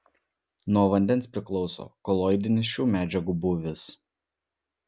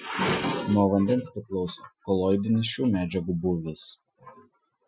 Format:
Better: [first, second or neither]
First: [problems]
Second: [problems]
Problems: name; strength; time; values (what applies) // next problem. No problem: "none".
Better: first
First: none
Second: noise reduction (classical method Wiener filter)